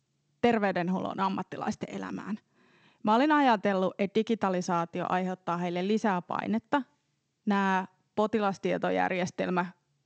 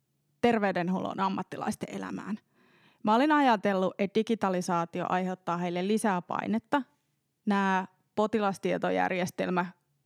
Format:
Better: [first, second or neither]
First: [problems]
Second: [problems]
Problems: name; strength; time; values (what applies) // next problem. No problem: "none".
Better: second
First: garbled, watery; slightly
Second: none